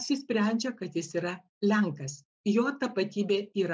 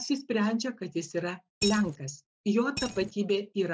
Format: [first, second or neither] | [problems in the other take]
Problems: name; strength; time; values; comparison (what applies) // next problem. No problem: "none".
first | noise reduction (neural mask model RNNoise)